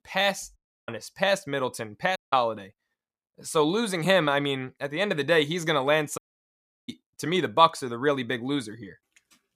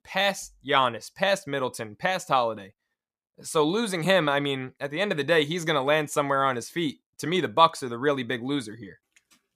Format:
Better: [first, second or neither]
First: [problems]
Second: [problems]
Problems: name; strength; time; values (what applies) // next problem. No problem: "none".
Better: second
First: audio cutting out; at 0.5 s, at 2 s and at 6 s for 0.5 s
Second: none